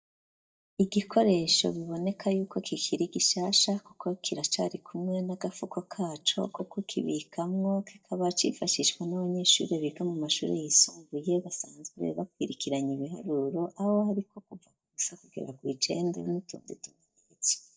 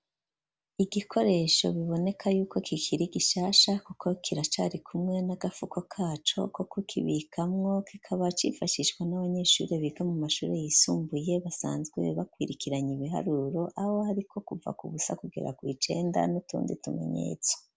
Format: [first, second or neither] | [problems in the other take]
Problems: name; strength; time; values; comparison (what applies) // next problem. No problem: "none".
second | noise reduction (neural mask model DeepFilterNet 3)